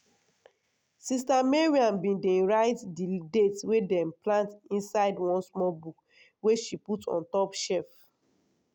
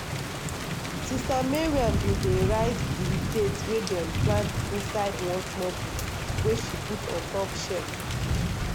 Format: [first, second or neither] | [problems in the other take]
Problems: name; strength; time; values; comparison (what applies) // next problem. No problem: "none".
first | background sound (Thunder / Rain); 2 dB above the speech